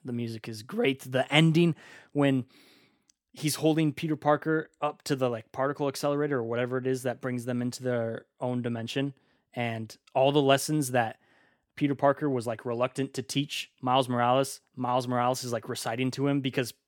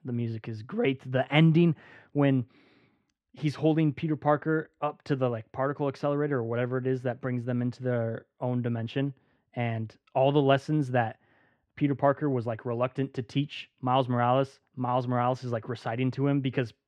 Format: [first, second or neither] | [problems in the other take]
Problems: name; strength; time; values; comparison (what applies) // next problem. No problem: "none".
first | muffled; slightly; fading above 2.5 kHz